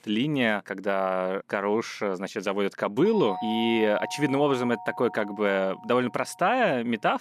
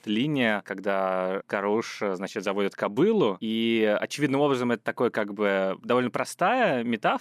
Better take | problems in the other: second | doorbell; noticeable; from 3 to 6 s; peak 7 dB below the speech

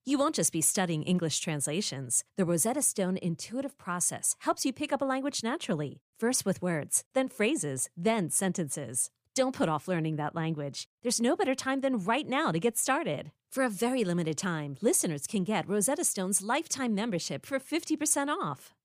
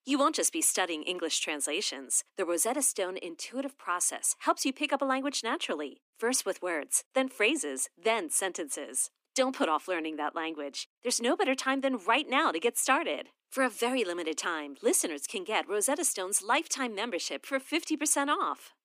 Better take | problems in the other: first | thin; very slightly; fading below 250 Hz

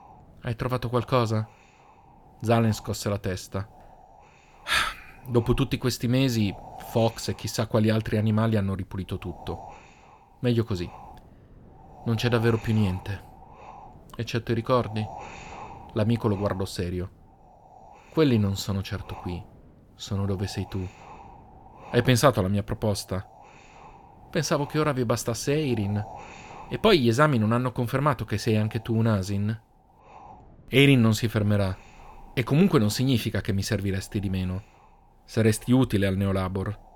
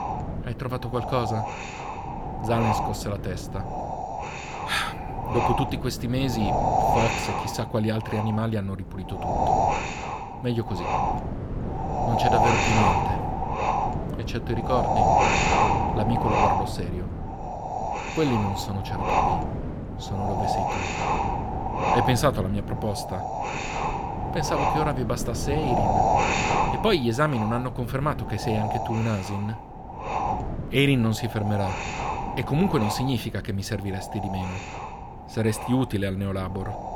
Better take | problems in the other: first | wind noise on the microphone; heavy; 5 dB above the speech; occasional gusts in the first

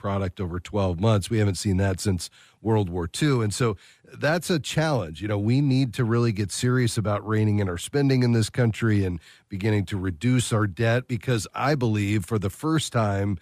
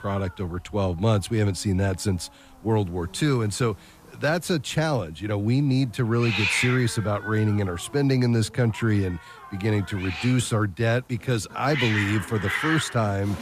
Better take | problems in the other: first | hiss; loud; throughout; 4 dB below the speech

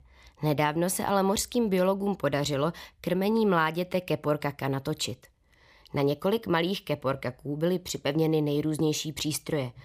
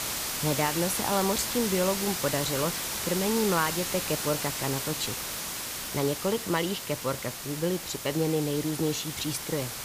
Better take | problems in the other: first | hiss; loud; throughout; 2 dB below the speech

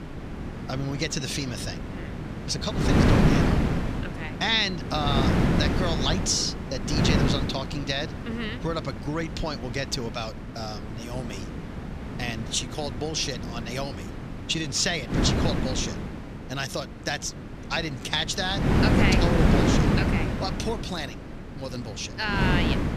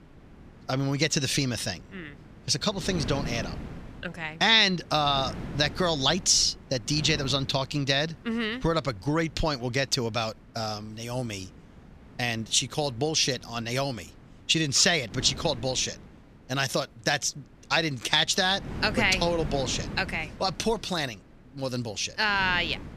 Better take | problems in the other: second | wind noise on the microphone; heavy; 3 dB below the speech; occasional gusts in the second

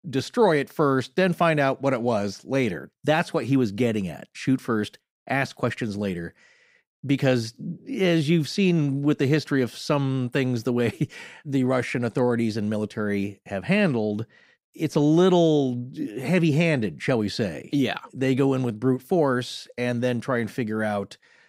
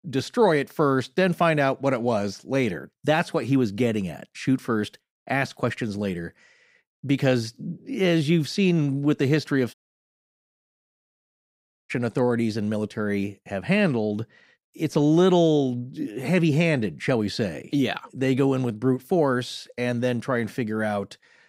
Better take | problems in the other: first | audio cutting out; at 9.5 s for 2 s

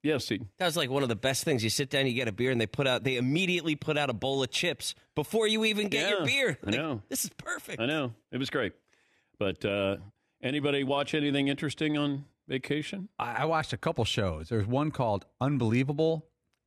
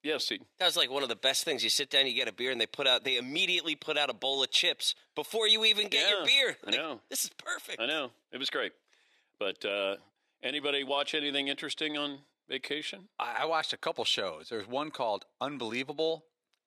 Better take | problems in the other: first | thin; somewhat; fading below 450 Hz

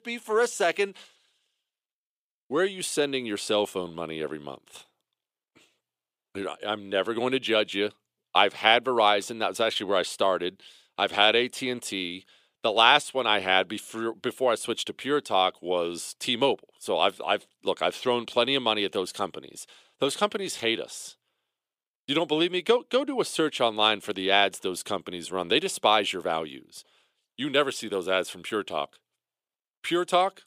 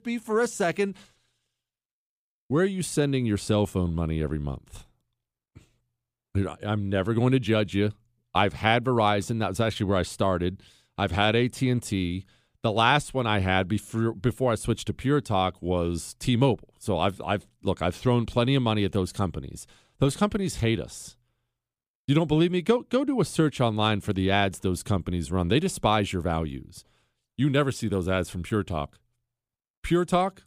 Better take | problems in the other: second | thin; somewhat; fading below 450 Hz

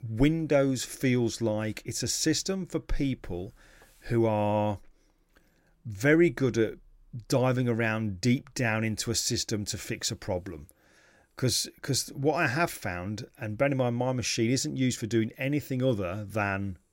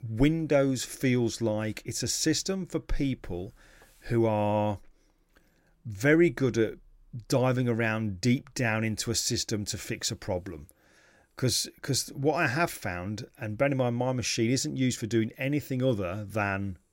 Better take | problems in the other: neither | none

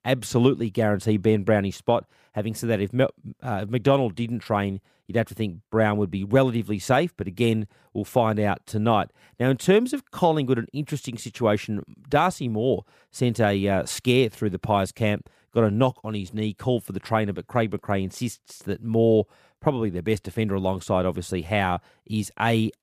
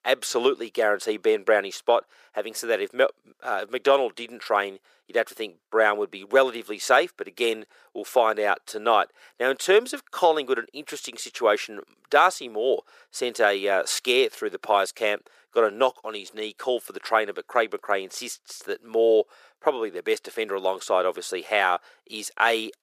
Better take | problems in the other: first | thin; very; fading below 400 Hz

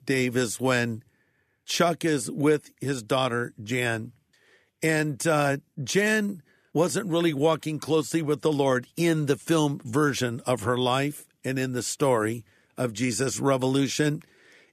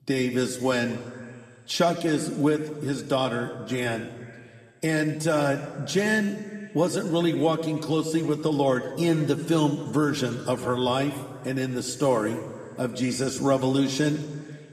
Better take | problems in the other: first | room echo; slight; dies away in 1.8 s

